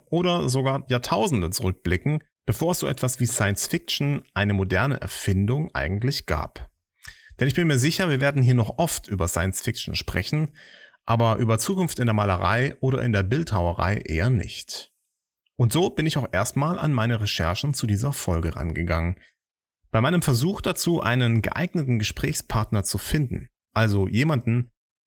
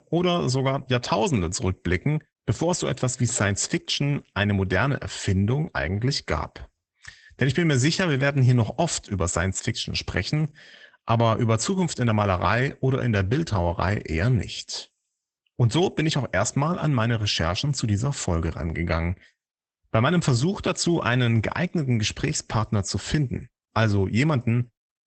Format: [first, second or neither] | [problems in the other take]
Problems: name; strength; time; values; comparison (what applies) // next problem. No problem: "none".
first | garbled, watery; badly; nothing above 8 kHz; slightly in the first